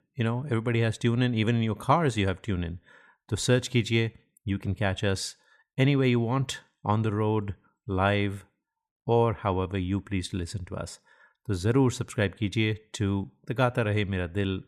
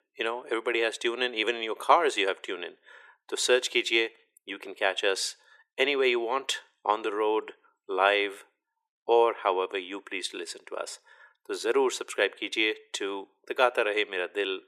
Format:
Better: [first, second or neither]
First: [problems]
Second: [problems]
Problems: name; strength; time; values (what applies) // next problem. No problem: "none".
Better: first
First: none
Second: thin; very; fading below 350 Hz